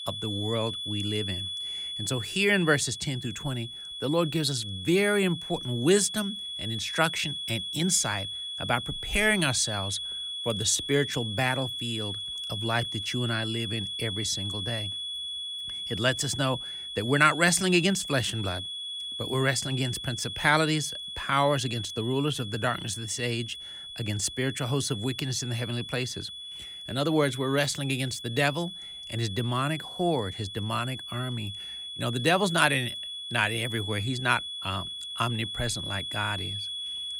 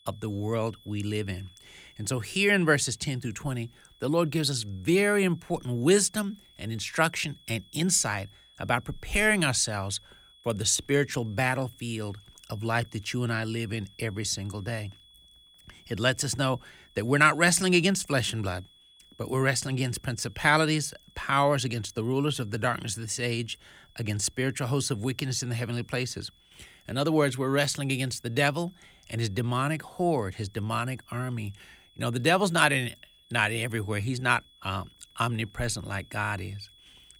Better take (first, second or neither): second